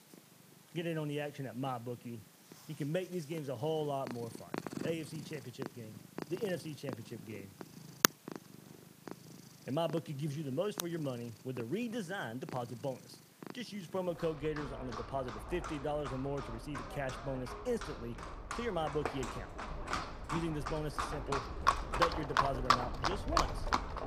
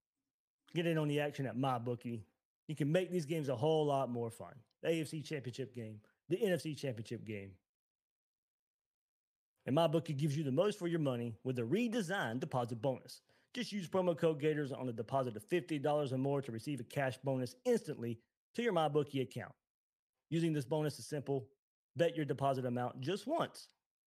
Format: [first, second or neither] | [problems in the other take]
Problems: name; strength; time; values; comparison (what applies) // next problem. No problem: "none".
second | animal sounds; very loud; throughout; 1 dB above the speech